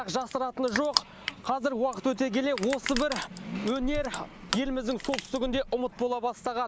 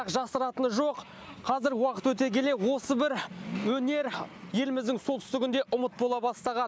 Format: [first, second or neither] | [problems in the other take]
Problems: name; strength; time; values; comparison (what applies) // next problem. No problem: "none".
second | background sound (Crushing); 8 dB below the speech